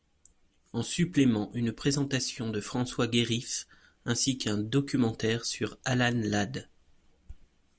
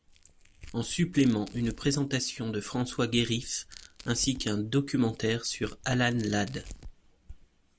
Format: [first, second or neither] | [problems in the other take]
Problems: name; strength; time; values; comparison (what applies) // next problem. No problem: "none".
first | background sound (Tearing); 18 dB below the speech